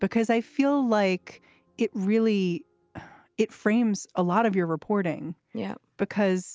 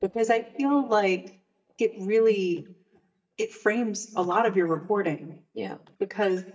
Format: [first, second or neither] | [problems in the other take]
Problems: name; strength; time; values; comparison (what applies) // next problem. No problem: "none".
first | noise reduction (neural mask model DeepFilterNet 3)